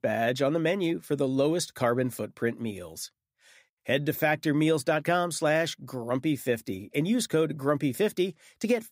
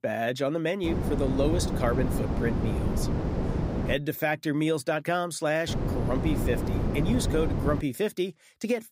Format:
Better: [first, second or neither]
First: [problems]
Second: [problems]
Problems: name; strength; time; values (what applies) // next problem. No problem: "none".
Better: first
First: none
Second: wind noise on the microphone; heavy; from 1 to 4 s and from 5.5 to 8 s; 6 dB below the speech